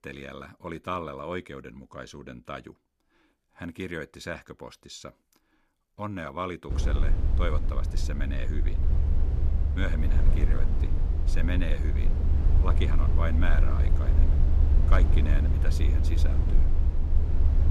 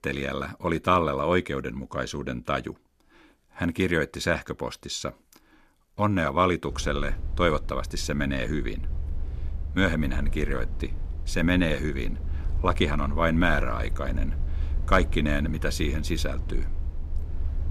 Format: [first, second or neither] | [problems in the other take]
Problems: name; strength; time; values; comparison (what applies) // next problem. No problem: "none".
second | low rumble; loud; from 6.5 s on; 5 dB below the speech; faint in the second